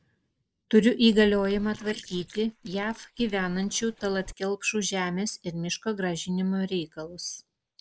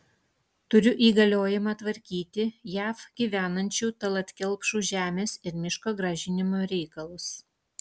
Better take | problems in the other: second | noise reduction (neural mask model Resemble Enhance denoiser)

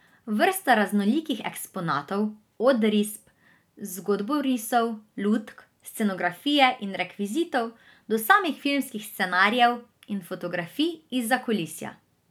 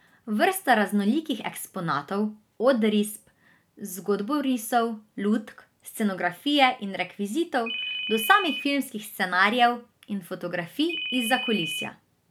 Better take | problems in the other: first | background sound (Ringtone); 5 dB below the speech

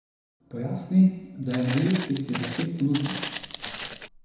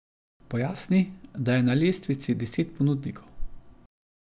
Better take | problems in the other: second | background sound (Walk, footsteps); 10 dB below the speech // room echo; dies away in 1 s

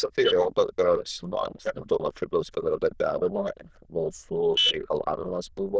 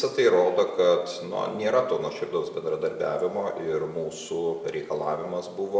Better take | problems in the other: second | noise reduction (neural diffusion model UNIVERSE++)

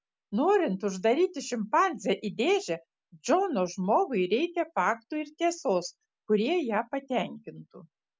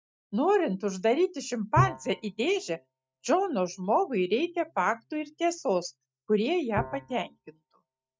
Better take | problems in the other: first | noise reduction (neural mask model DeepFilterNet 3)

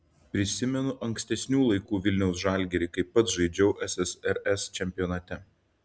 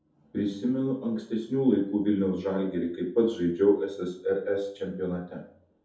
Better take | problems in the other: first | room echo; dies away in 0.5 s

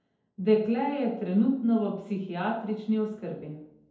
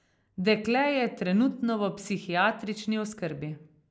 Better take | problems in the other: second | room echo; dies away in 2.1 s

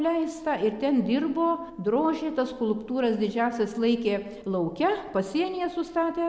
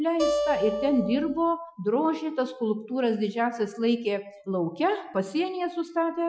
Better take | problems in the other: first | noise reduction (classical method Wiener filter)

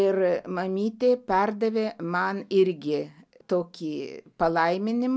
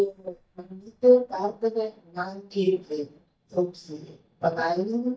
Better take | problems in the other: first | noise reduction (neural mask model DeepFilterNet 3)

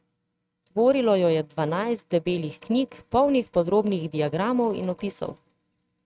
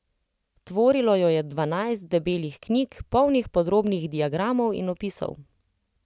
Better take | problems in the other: second | noise reduction (neural mask model RNNoise)

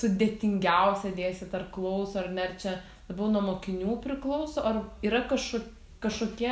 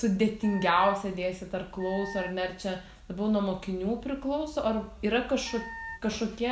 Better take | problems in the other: first | background sound (Wind instrument, woodwind instrument); 14 dB below the speech

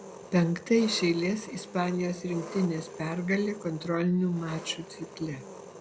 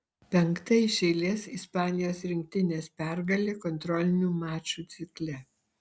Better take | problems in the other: second | background sound (Engine); 15 dB below the speech

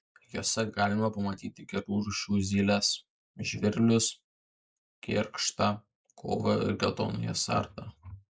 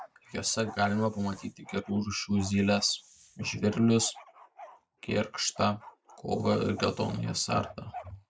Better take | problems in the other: first | background sound (Hiss + Bark); 20 dB below the speech

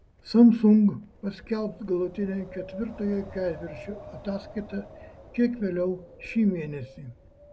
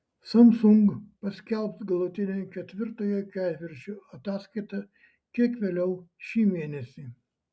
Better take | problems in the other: second | background sound (Wind); 19 dB below the speech

